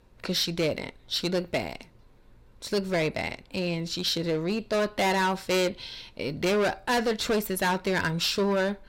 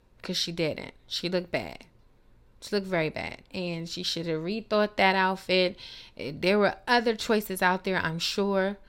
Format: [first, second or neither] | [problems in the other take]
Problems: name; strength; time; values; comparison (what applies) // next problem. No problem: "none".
second | distortion; heavy; 11% of the sound clipped